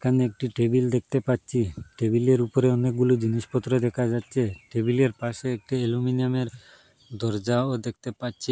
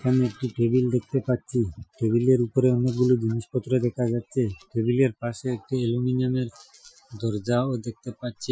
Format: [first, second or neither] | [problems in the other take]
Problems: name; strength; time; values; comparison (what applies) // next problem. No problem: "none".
first | noise reduction (classical method Wiener filter)